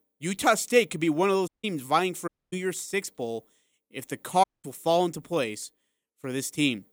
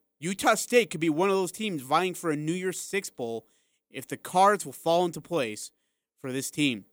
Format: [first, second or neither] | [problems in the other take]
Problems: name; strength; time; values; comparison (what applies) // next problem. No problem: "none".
second | audio cutting out; at 1.5 s, at 2.5 s and at 4.5 s